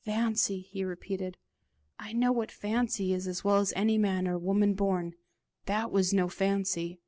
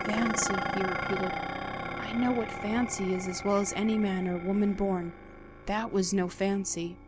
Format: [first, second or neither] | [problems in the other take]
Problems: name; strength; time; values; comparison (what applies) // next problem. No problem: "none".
first | background sound (Dishes, pots, and pans); 6 dB below the speech